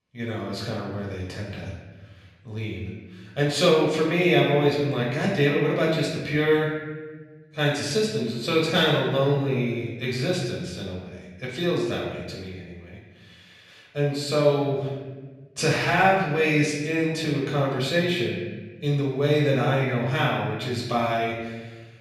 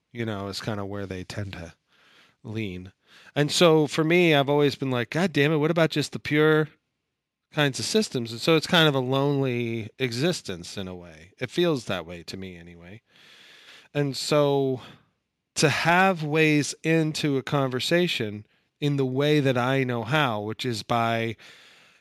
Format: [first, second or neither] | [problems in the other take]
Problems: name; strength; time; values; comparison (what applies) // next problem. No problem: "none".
second | off-mic speech; far // room echo; noticeable; dies away in 1.2 s